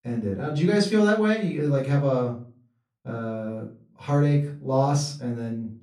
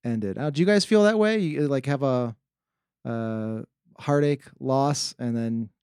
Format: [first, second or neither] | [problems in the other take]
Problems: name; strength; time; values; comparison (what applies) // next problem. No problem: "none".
second | room echo; slight; dies away in 0.3 s // off-mic speech; far